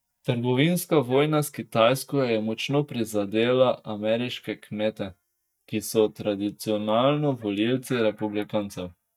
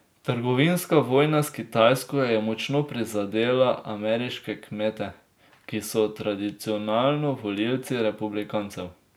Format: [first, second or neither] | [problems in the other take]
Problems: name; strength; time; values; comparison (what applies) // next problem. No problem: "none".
second | noise reduction (neural mask model DeepFilterNet 3)